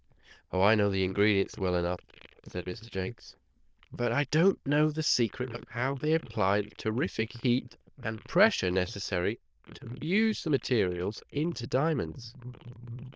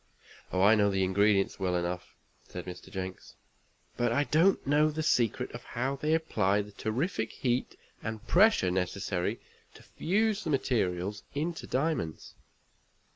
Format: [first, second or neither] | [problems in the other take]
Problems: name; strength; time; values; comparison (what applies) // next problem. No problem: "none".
second | noise reduction (neural diffusion model UNIVERSE++)